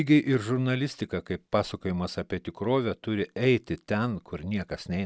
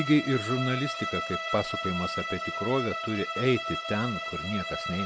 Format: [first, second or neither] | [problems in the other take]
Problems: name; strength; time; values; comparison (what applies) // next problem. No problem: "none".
first | background sound (Bowed string instrument); 4 dB below the speech